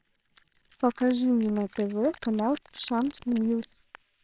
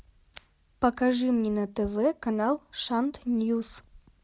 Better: second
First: noise reduction (neural separator model SepFormer WHAMR!)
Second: none

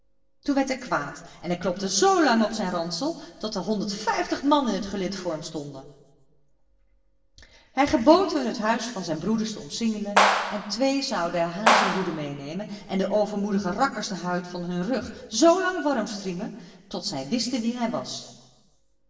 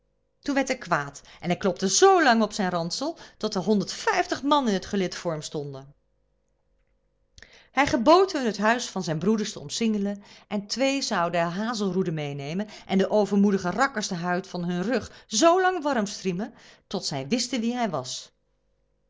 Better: second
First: background sound (Clapping); 1 dB above the speech // room echo; dies away in 1.2 s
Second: none

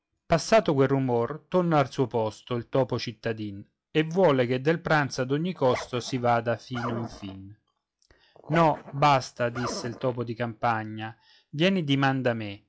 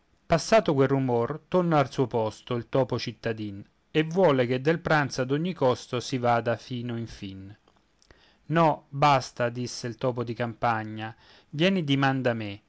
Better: second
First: noise reduction (classical method log-MMSE)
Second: none

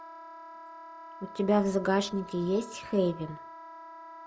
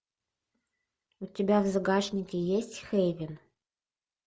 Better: second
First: background sound (Wind instrument, woodwind instrument); 15 dB below the speech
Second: none

